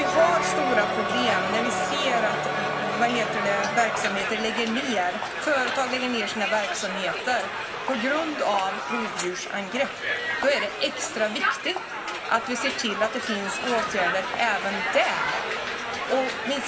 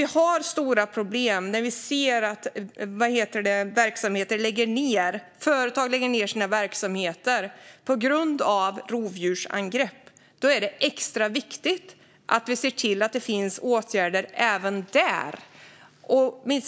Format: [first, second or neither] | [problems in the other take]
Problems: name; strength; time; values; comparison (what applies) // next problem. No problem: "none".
second | background sound (Crowd); 1 dB below the speech // room echo; dies away in 3 s